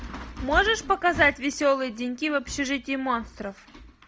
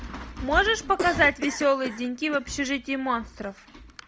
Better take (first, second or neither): first